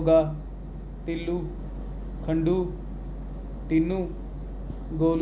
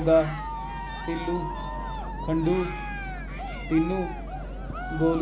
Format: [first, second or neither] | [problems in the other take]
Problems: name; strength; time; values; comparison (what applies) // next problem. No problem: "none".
first | background sound (Cheering); 10 dB below the speech